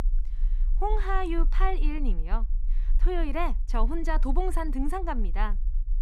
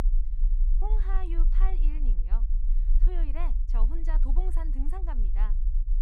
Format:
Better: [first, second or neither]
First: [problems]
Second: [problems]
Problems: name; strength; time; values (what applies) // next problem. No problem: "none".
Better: first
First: low rumble; faint; throughout; 25 dB below the speech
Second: low rumble; loud; throughout; 10 dB below the speech